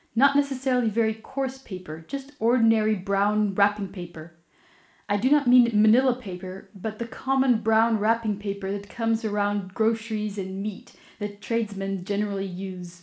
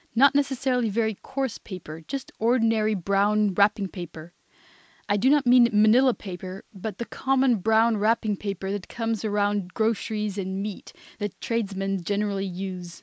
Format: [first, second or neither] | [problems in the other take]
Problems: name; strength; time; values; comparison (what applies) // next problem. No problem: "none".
second | room echo; dies away in 0.4 s